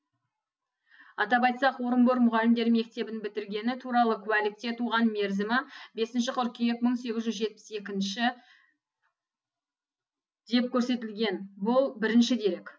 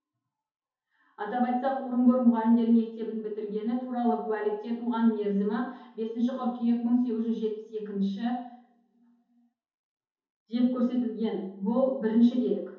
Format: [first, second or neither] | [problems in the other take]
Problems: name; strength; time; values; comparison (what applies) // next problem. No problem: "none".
first | room echo; dies away in 0.8 s